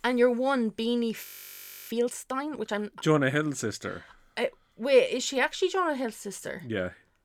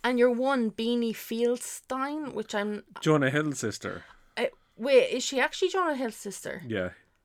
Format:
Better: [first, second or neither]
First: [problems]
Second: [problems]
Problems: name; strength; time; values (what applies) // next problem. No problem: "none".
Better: second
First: audio freezing; at 1 s for 0.5 s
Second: none